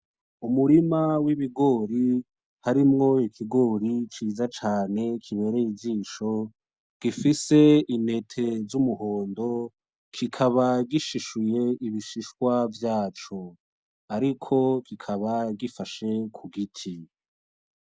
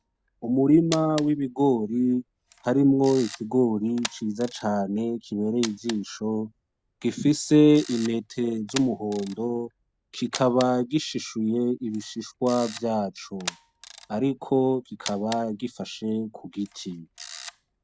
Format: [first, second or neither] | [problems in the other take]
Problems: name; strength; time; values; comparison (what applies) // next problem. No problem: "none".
first | background sound (Camera); 18 dB below the speech